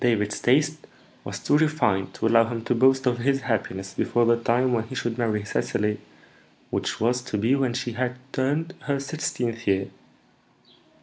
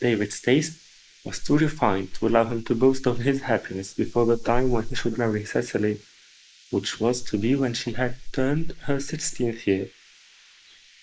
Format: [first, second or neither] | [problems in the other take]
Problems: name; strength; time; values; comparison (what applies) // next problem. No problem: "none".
first | noise reduction (neural mask model Resemble Enhance denoiser)